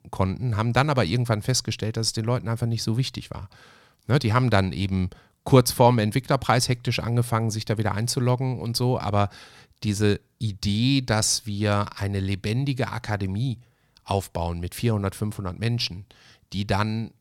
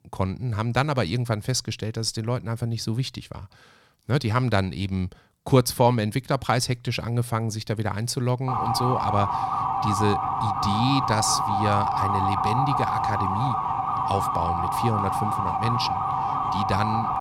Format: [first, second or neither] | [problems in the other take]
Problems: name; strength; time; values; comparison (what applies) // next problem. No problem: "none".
first | siren; loud; from 8.5 s on; peak 3 dB above the speech